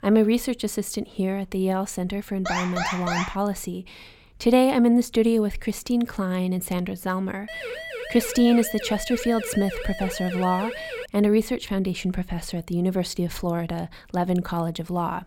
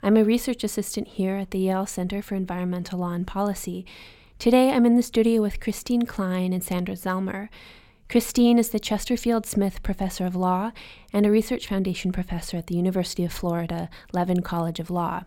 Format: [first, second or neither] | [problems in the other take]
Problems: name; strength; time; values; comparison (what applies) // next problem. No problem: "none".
second | alarm; noticeable; at 2.5 s; peak 2 dB below the speech // siren; noticeable; from 7.5 to 11 s; peak 8 dB below the speech